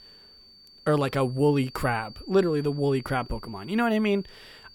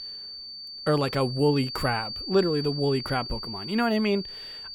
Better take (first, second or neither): first